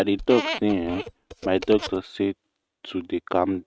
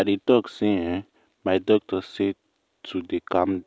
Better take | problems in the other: second | noise reduction (neural mask model RNNoise)

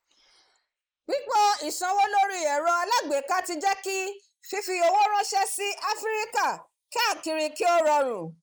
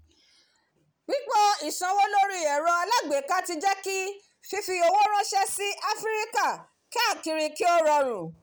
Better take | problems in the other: second | noise reduction (neural mask model Resemble Enhance denoiser)

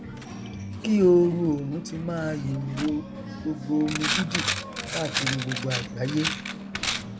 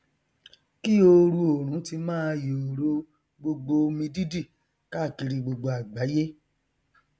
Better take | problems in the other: second | background sound (Coin (dropping)); 5 dB below the speech

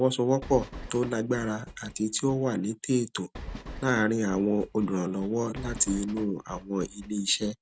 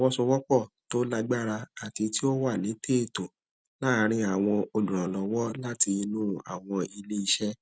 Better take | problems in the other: second | background sound (Train); 15 dB below the speech

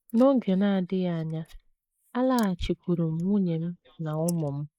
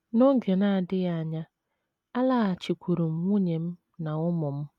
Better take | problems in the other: second | noise reduction (neural mask model Resemble Enhance denoiser)

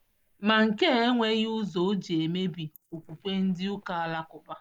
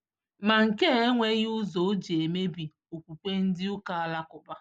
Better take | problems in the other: second | noise reduction (neural mask model Resemble Enhance denoiser)

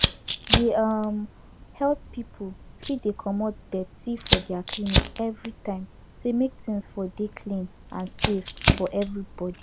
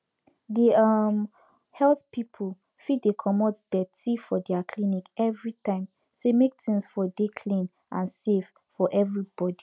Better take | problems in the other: second | background sound (Fire); 1 dB below the speech

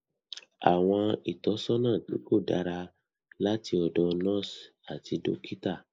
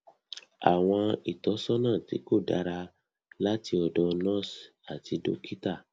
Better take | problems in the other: second | noise reduction (neural mask model Resemble Enhance denoiser)

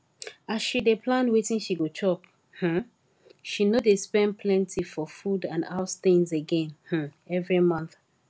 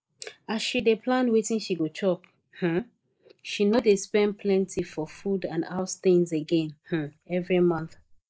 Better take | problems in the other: first | noise reduction (neural mask model Resemble Enhance denoiser)

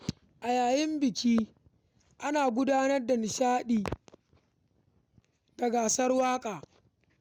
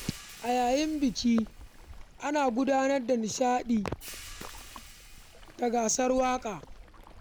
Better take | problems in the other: first | background sound (Hi-hat + Waves, surf); 17 dB below the speech

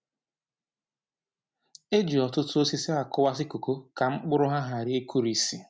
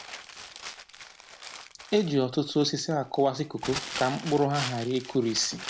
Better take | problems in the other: first | background sound (Crumpling, crinkling); 12 dB below the speech

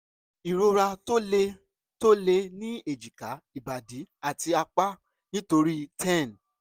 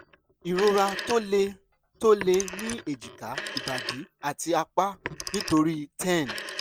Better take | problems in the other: first | background sound (Telephone); 11 dB below the speech

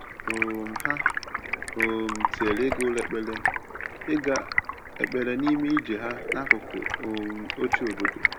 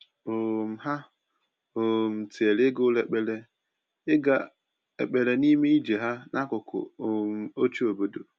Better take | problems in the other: second | background sound (Stream); as loud as the speech

